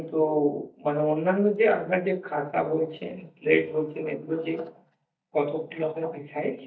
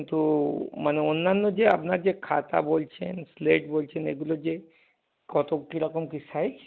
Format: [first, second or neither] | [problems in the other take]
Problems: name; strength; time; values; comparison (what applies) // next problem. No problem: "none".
second | noise reduction (neural mask model DeepFilterNet 3)